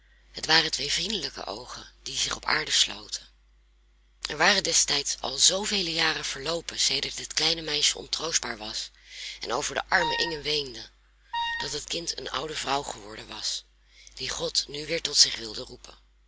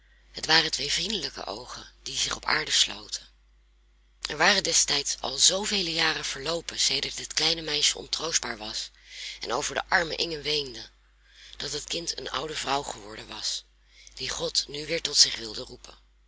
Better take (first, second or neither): second